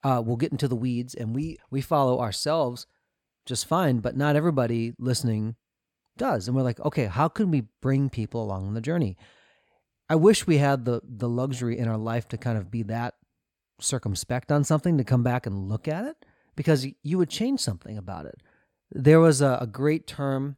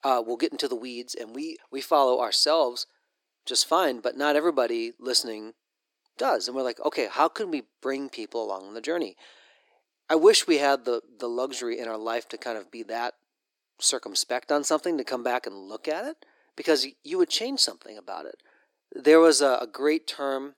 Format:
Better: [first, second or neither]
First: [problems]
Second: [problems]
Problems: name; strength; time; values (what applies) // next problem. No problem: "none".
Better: first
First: none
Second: thin; very; fading below 300 Hz